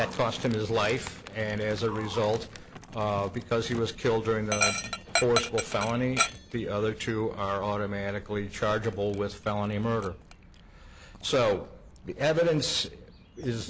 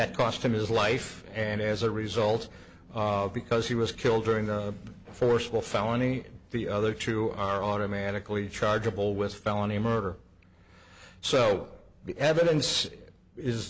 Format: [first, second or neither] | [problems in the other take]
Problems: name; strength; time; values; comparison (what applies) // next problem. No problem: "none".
second | background sound (Dog); 8 dB below the speech